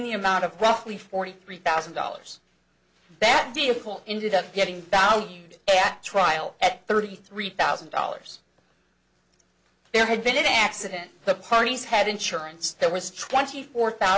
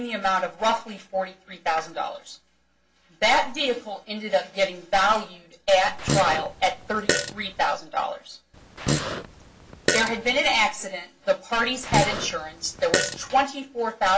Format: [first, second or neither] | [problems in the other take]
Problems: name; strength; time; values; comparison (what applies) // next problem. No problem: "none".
first | background sound (Fart); 3 dB below the speech // room echo; dies away in 0.2 s